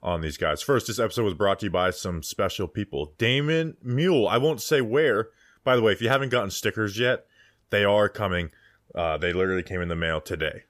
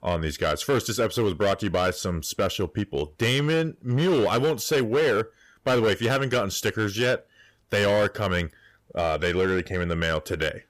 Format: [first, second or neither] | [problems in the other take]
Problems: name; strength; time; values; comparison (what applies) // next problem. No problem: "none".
first | distortion; slight; 10% of the sound clipped